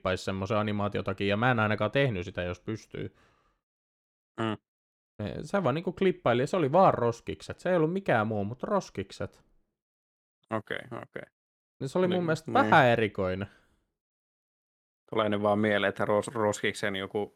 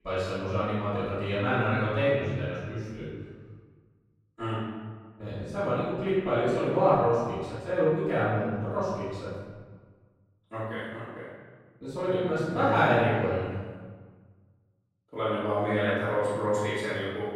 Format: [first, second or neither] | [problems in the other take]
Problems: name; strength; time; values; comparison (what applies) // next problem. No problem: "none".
first | off-mic speech; far // room echo; strong; dies away in 1.4 s